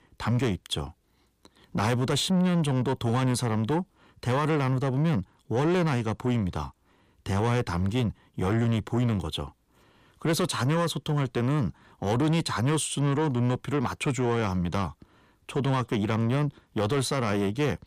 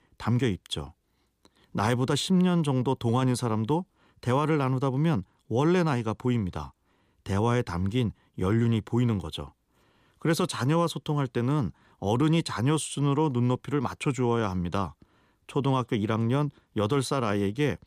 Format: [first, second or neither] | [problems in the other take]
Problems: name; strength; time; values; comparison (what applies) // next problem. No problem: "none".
second | distortion; slight; 10 dB below the speech